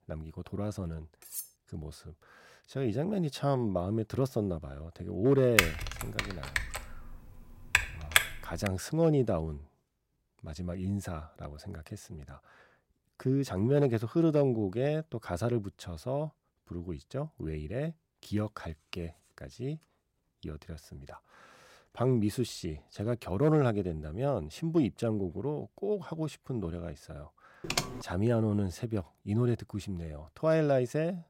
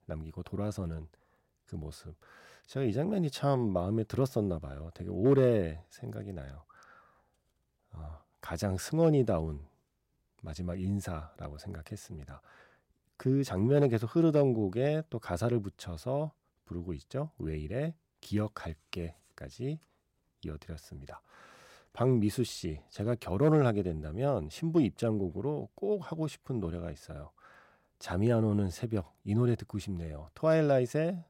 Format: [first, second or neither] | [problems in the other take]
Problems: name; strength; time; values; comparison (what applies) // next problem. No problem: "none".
second | clattering dishes; noticeable; at 1 s; peak 8 dB below the speech // keyboard typing; loud; from 5.5 to 8.5 s; peak 6 dB above the speech // keyboard typing; noticeable; at 28 s; peak 1 dB below the speech